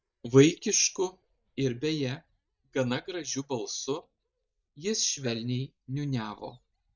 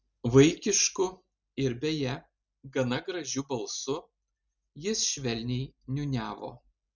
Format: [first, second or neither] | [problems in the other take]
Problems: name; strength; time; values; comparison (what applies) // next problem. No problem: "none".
second | noise reduction (neural mask model DeepFilterNet 3)